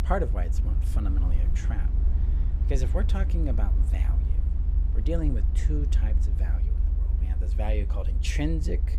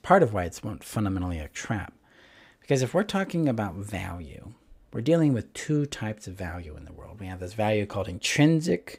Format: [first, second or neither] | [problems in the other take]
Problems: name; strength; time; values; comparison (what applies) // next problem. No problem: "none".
second | low rumble; loud; throughout; 8 dB below the speech